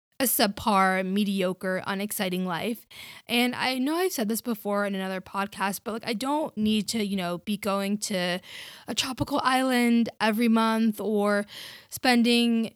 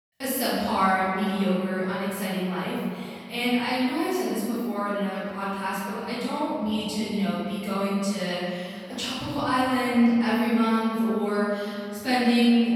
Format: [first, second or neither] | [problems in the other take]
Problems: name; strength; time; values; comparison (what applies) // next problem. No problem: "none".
first | off-mic speech; far // room echo; strong; dies away in 2.2 s